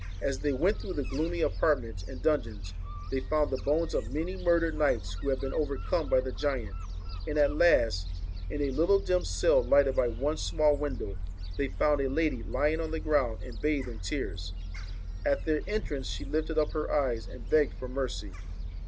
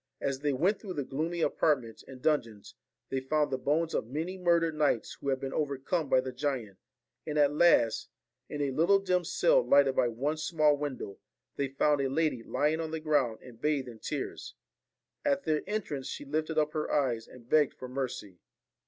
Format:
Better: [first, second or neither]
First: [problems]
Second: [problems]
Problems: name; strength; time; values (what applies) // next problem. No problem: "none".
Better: second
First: background sound (Gull, seagull); 5 dB below the speech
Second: none